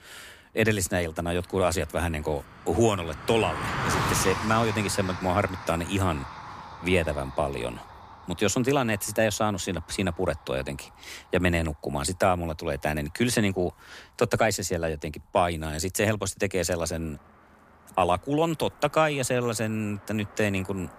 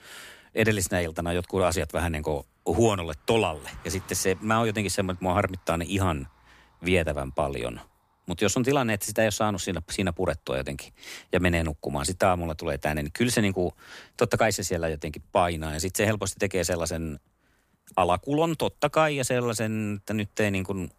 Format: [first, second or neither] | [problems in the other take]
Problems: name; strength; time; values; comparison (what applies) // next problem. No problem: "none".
second | traffic noise; loud; throughout; 8 dB below the speech; faint in the second